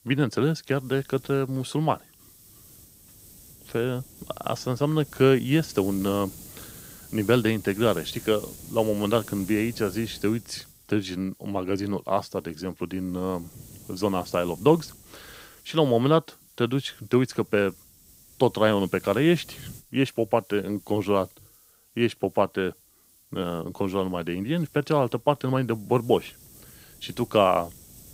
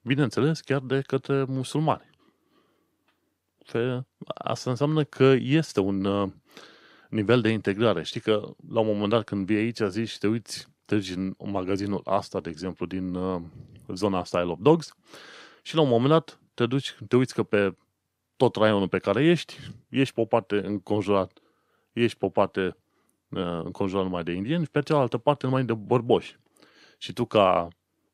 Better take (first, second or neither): second